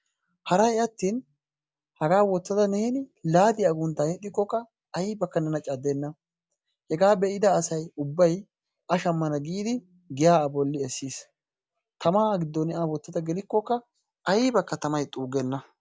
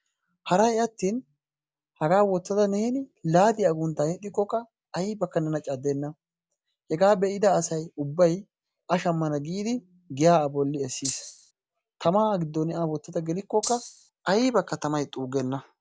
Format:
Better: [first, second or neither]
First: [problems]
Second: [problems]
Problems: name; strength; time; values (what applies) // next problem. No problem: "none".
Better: first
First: none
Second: background sound (Rattle (instrument)); 9 dB below the speech